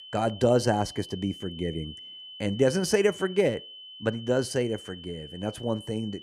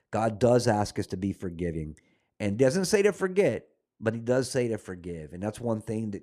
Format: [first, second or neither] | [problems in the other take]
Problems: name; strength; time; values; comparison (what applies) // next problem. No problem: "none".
second | high-pitched whine; noticeable; throughout; 3 kHz, 15 dB below the speech